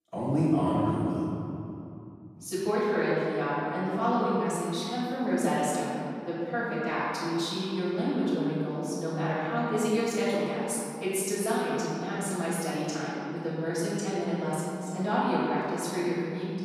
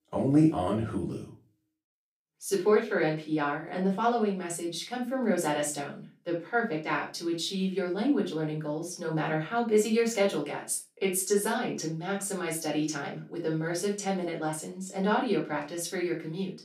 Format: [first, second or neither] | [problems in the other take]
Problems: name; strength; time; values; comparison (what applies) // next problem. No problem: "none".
second | room echo; strong; dies away in 2.8 s; slight in the second // off-mic speech; far; far in the second